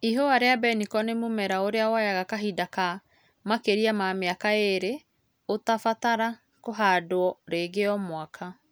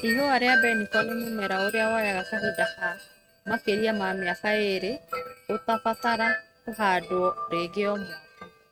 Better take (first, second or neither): first